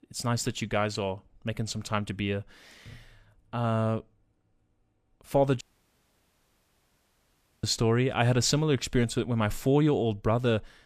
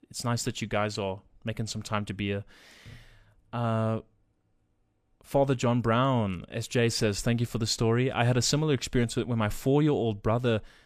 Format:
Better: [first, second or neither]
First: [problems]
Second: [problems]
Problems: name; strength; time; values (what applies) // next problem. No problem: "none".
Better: second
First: audio cutting out; at 5.5 s for 2 s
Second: none